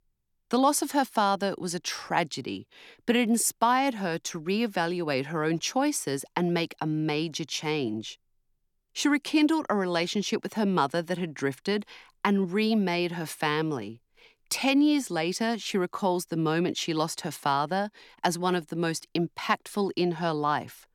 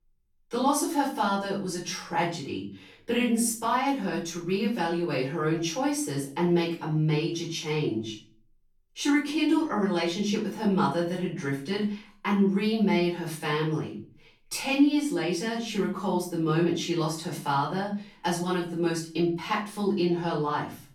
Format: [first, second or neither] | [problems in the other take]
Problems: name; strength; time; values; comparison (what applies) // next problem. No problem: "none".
first | off-mic speech; far // room echo; noticeable; dies away in 0.4 s